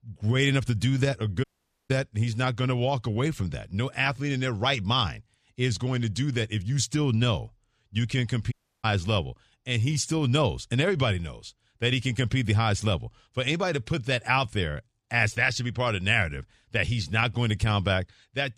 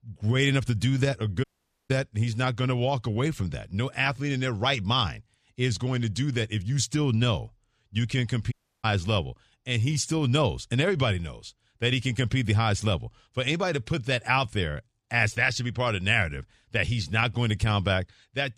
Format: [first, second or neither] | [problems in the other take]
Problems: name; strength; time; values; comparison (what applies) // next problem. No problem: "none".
neither | audio cutting out; at 1.5 s and at 8.5 s; the same in both